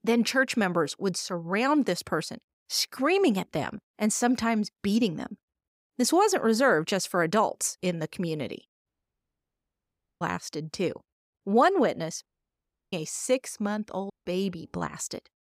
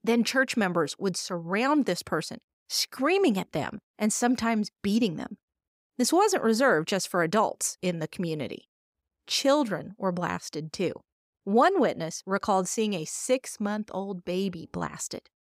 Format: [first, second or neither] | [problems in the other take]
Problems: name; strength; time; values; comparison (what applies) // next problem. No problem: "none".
second | audio cutting out; at 9 s for 1.5 s, at 12 s for 0.5 s and at 14 s